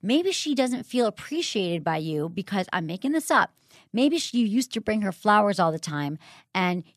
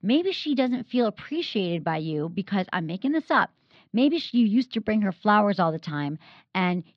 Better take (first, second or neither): first